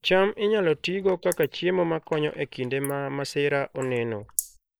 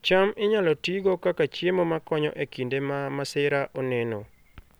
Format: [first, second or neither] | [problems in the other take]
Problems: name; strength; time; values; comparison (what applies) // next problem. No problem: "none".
second | noise reduction (neural mask model Resemble Enhance denoiser)